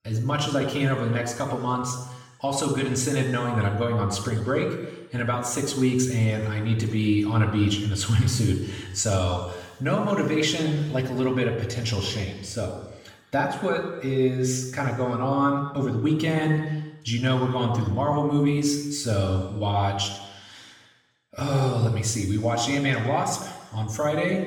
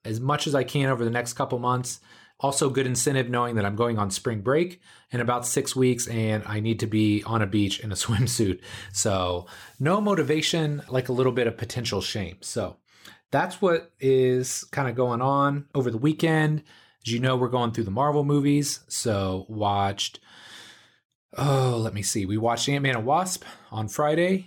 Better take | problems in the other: second | room echo; noticeable; dies away in 1.1 s // off-mic speech; far

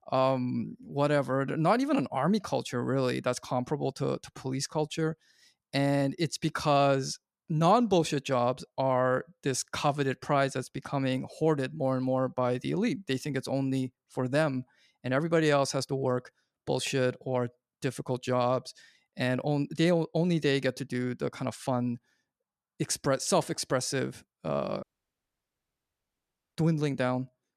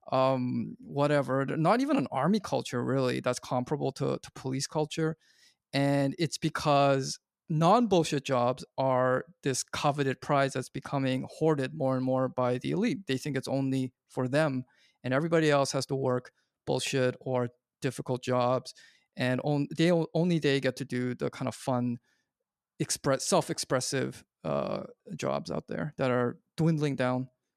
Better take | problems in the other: second | audio cutting out; at 25 s for 1.5 s

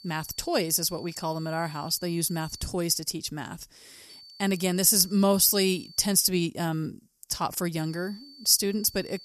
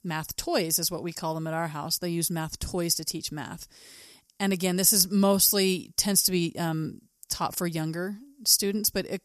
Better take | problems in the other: second | high-pitched whine; faint; until 2.5 s, from 4 to 6 s and from 8 s on; 4.5 kHz, 20 dB below the speech

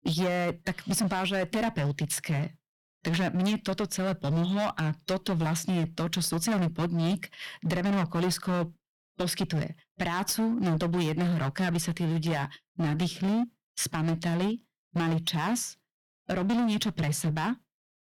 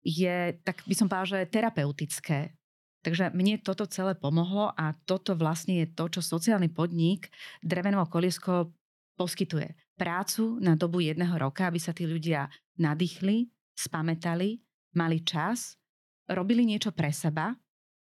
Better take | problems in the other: second | distortion; heavy; 19% of the sound clipped

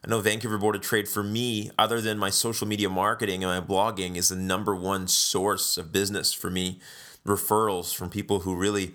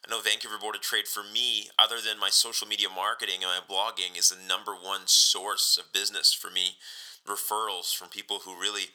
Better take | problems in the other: first | thin; very; fading below 750 Hz

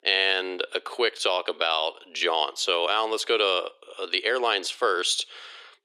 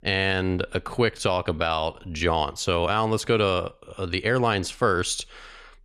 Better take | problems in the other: second | thin; very; fading below 350 Hz

